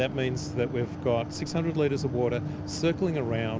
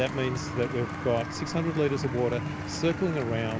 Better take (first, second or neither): first